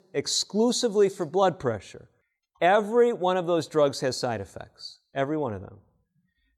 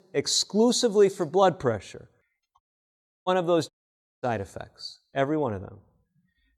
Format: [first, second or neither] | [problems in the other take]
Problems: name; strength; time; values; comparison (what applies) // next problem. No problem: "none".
first | audio cutting out; at 2.5 s for 0.5 s and at 3.5 s for 0.5 s